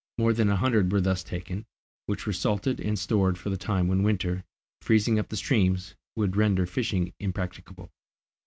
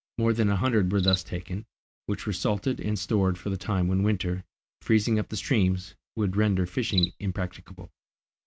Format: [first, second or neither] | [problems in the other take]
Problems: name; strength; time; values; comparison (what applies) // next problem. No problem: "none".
first | noise reduction (neural mask model Resemble Enhance denoiser)